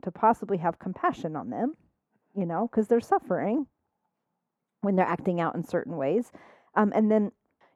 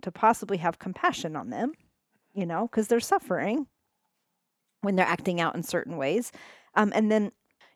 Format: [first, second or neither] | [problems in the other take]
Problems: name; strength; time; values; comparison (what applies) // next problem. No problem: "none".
second | muffled; very; fading above 2 kHz